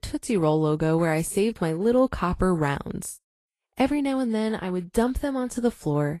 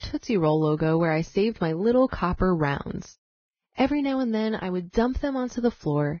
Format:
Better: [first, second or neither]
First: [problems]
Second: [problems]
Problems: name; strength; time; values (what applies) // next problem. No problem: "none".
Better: first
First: garbled, watery; slightly; nothing above 12.5 kHz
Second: garbled, watery; badly; nothing above 6.5 kHz